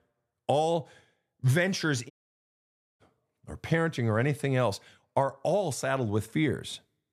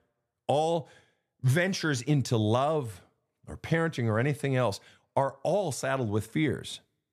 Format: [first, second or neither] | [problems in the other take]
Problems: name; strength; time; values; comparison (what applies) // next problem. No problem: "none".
second | audio cutting out; at 2 s for 1 s